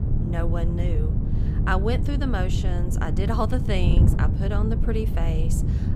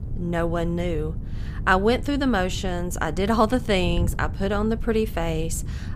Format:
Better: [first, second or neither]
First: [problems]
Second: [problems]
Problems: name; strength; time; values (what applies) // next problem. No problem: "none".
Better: second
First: wind noise on the microphone; heavy; 6 dB below the speech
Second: wind noise on the microphone; occasional gusts; 20 dB below the speech